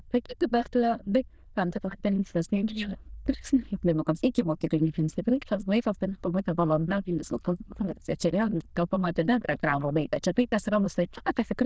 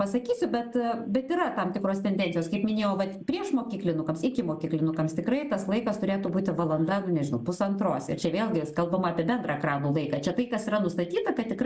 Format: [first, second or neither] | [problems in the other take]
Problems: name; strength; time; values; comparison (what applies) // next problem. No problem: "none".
second | noise reduction (neural diffusion model UNIVERSE++)